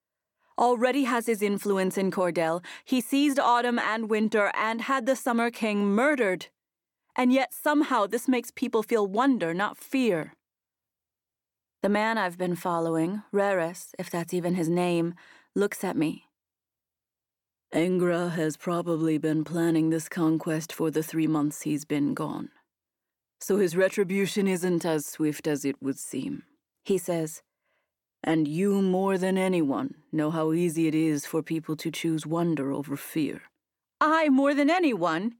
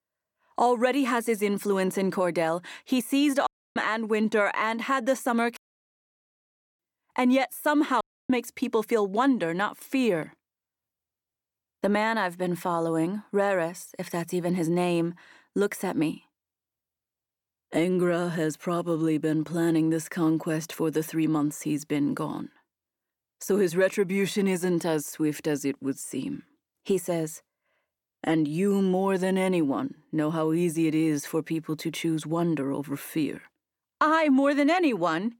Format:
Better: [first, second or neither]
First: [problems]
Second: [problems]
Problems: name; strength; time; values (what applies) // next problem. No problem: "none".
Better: first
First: none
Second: audio cutting out; at 3.5 s, at 5.5 s for 1 s and at 8 s